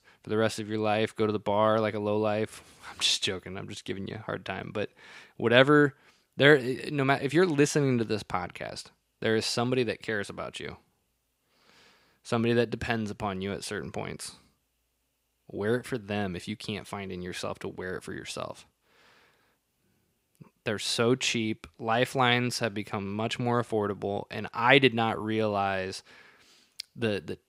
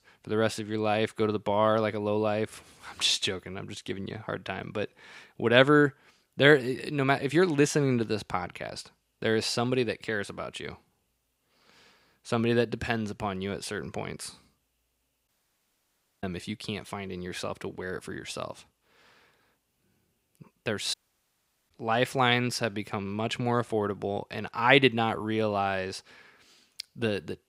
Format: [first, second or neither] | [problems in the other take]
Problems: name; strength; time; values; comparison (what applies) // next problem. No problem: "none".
first | audio cutting out; at 15 s for 1 s and at 21 s for 1 s